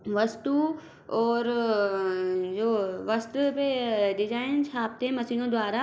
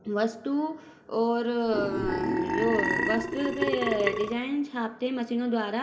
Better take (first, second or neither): first